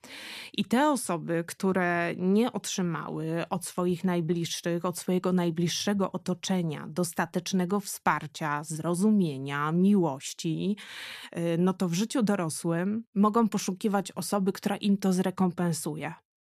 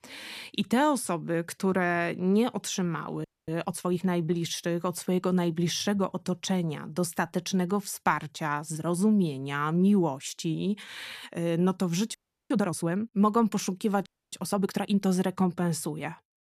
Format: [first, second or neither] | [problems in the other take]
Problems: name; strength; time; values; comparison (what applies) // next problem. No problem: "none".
first | audio freezing; at 3 s, at 12 s and at 14 s